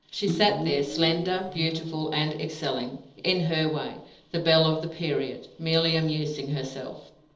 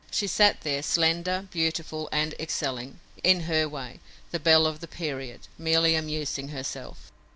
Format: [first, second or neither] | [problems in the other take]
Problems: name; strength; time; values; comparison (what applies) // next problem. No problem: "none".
second | noise reduction (neural separator model SepFormer DNS4)